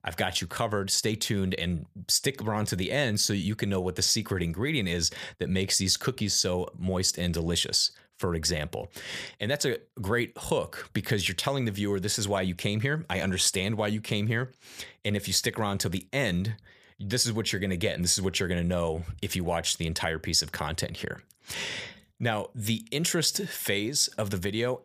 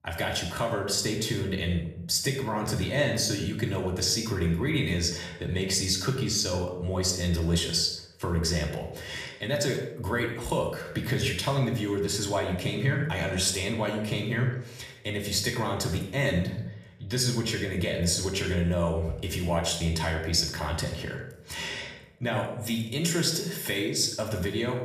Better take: first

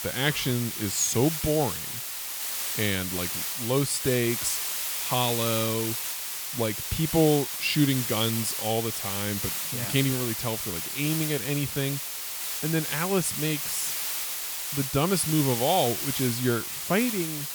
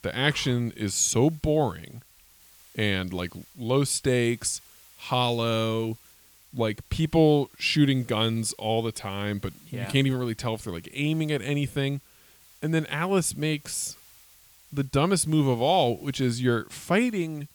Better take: second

